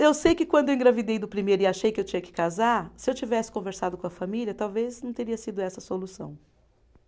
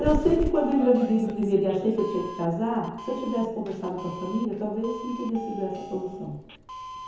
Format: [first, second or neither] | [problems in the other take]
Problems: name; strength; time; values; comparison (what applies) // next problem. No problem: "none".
first | background sound (Doorbell); 10 dB below the speech // room echo; dies away in 1 s